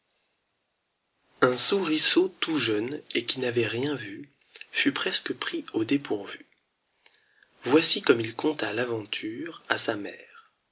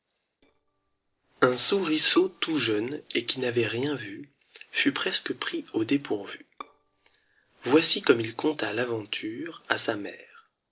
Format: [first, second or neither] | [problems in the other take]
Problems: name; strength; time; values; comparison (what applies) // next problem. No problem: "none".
first | noise reduction (neural separator model SepFormer DNS4)